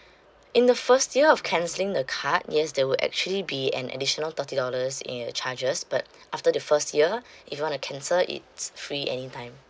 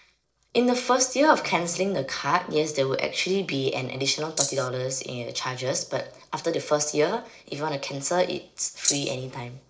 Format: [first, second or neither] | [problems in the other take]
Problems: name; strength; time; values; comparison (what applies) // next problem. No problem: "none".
first | noise reduction (neural separator model SepFormer DNS4)